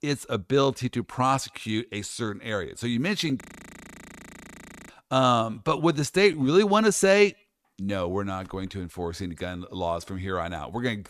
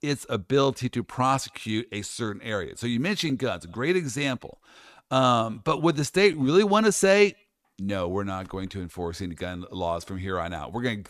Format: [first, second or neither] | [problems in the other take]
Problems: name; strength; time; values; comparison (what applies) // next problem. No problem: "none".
second | audio freezing; at 3.5 s for 1.5 s